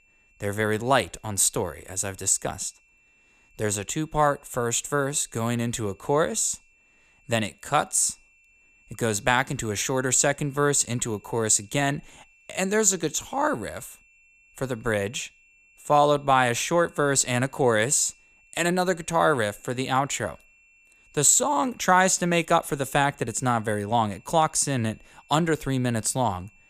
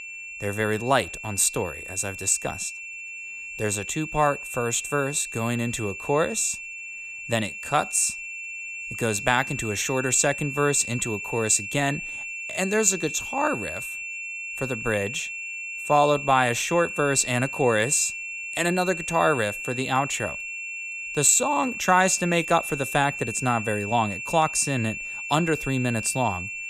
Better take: first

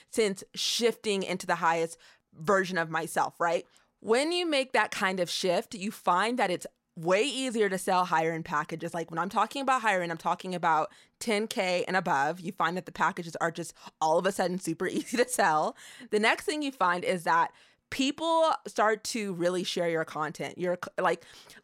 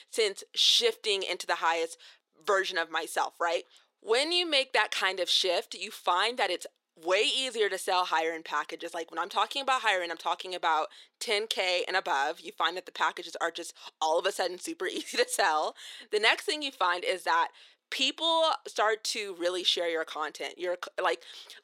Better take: first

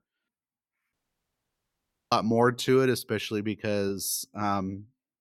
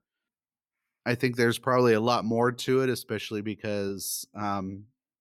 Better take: second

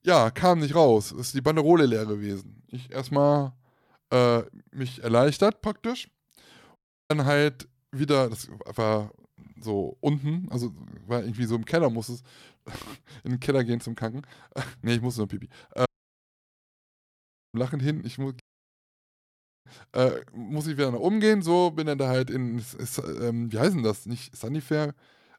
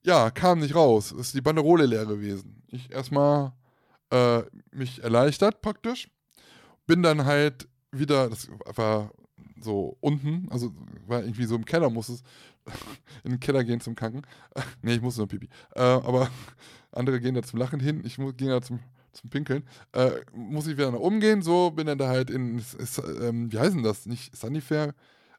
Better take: second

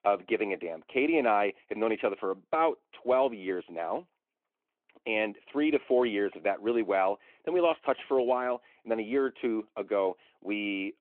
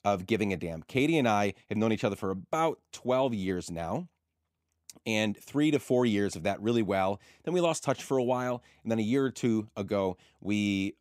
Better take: second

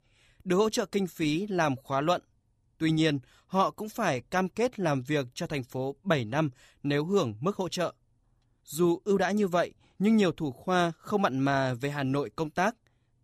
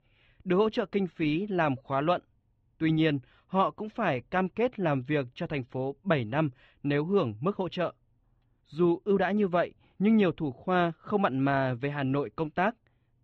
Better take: first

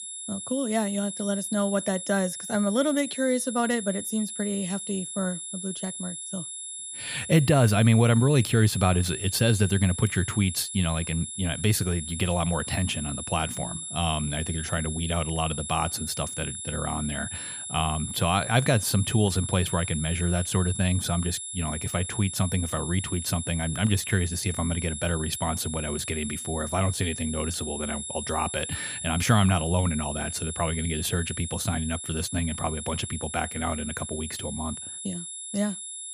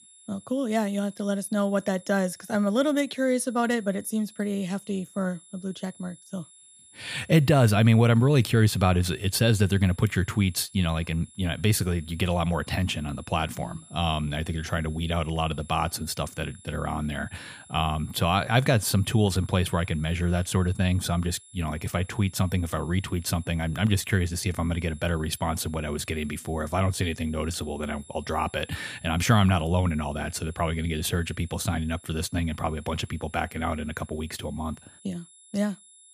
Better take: second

